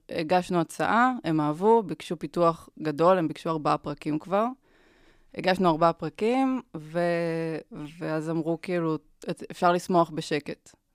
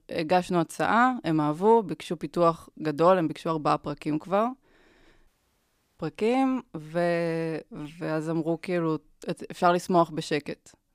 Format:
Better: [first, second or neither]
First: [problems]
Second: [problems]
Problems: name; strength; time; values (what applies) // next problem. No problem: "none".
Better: first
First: none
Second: audio cutting out; at 5.5 s for 0.5 s